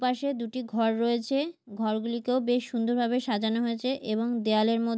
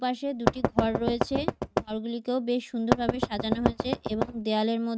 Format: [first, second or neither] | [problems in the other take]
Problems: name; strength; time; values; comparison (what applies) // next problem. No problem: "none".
first | noise reduction (neural mask model RNNoise)